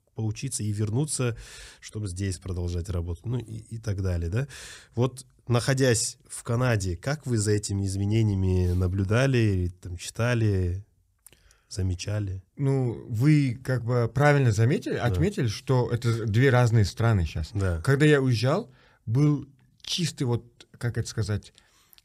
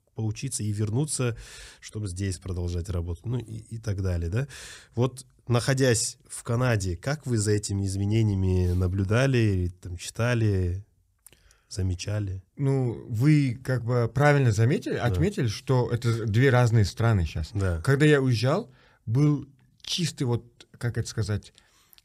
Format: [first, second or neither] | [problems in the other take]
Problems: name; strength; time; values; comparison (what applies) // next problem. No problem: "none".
neither | none